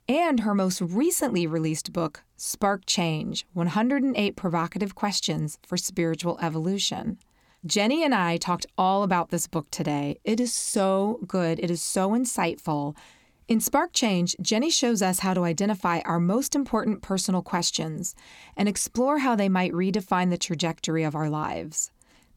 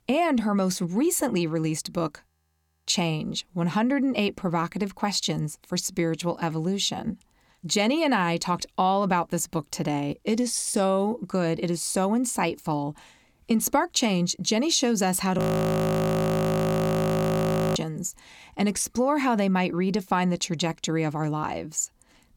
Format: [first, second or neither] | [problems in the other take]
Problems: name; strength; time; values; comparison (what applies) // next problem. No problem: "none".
first | audio freezing; at 2.5 s for 0.5 s and at 15 s for 2.5 s